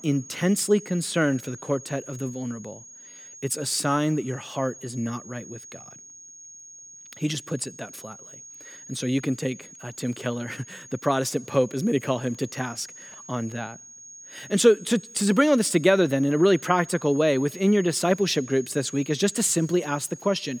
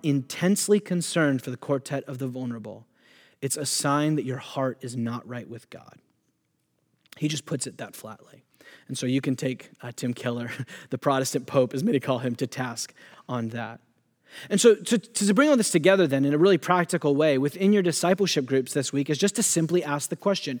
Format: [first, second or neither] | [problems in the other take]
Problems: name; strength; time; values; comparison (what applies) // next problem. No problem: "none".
second | high-pitched whine; noticeable; throughout; 6.5 kHz, 20 dB below the speech